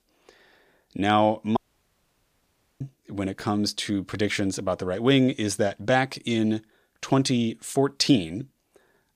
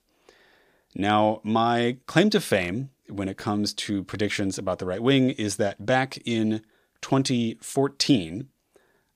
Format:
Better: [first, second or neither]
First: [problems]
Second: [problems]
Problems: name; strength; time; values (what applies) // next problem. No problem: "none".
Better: second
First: audio cutting out; at 1.5 s for 1 s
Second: none